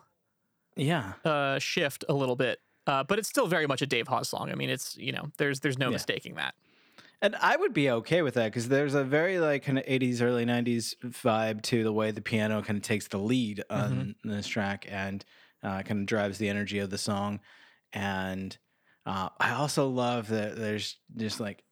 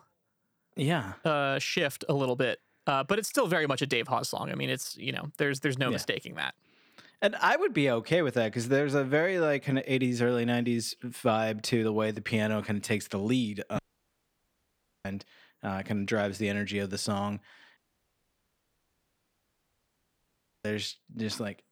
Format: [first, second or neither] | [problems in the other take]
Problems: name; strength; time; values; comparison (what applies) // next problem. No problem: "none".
first | audio cutting out; at 14 s for 1.5 s and at 18 s for 3 s